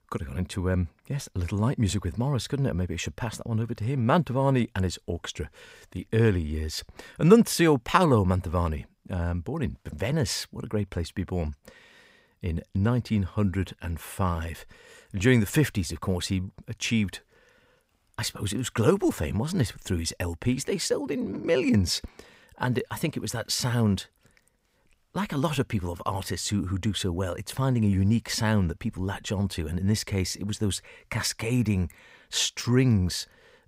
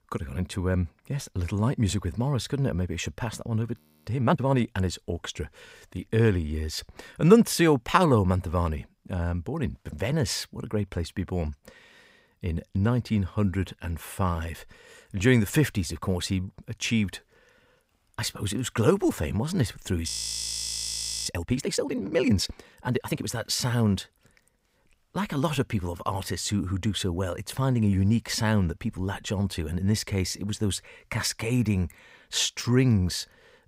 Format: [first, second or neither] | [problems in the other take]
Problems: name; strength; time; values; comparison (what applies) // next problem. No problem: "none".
first | audio freezing; at 4 s and at 20 s for 1 s